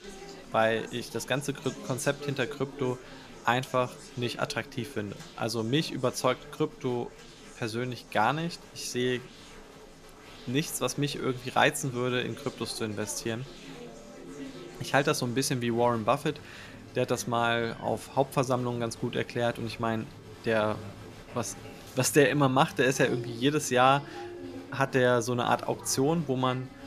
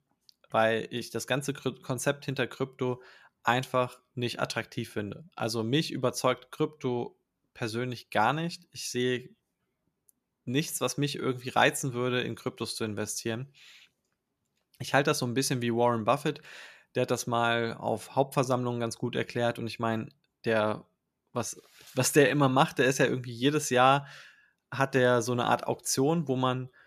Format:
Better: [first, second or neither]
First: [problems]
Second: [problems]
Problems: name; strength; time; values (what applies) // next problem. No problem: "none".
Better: second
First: crowd noise; noticeable; throughout; 15 dB below the speech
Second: none